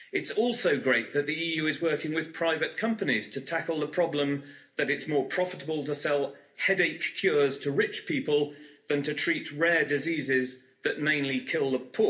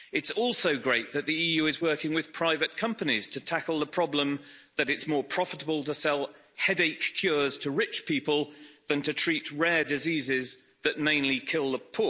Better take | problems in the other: second | room echo; dies away in 0.3 s

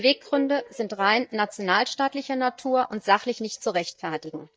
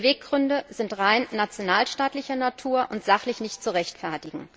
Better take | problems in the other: second | noise reduction (neural mask model DeepFilterNet 3)

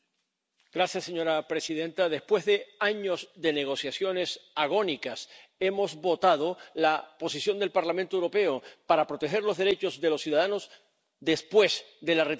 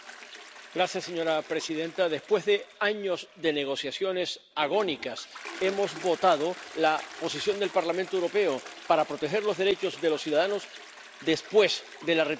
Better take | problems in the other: first | background sound (Toilet flush); 17 dB below the speech

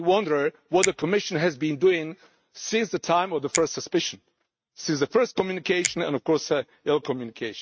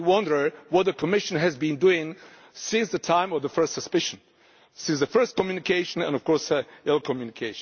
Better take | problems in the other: second | noise reduction (neural mask model RNNoise)

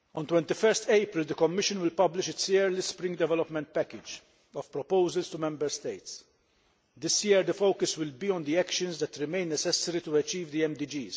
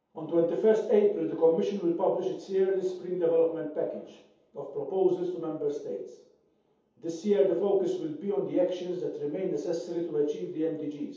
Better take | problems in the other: first | room echo; dies away in 0.7 s

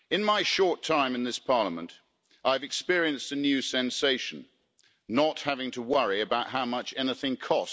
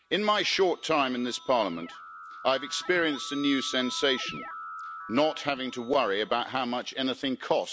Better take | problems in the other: first | background sound (Keyboard (musical)); 15 dB below the speech

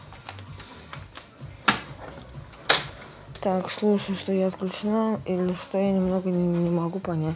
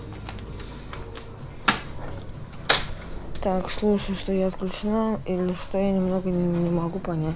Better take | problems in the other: first | background sound (Aircraft); 8 dB below the speech

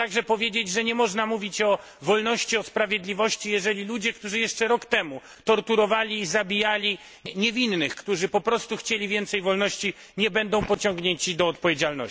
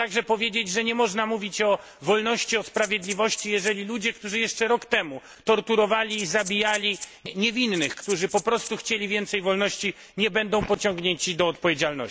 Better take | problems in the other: first | background sound (Rattle (instrument)); 14 dB below the speech

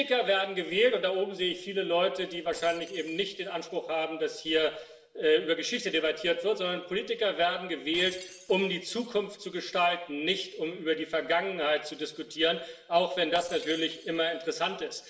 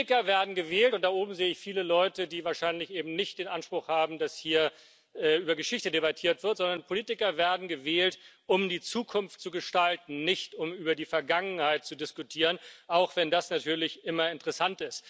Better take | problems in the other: second | noise reduction (neural separator model SepFormer DNS4)

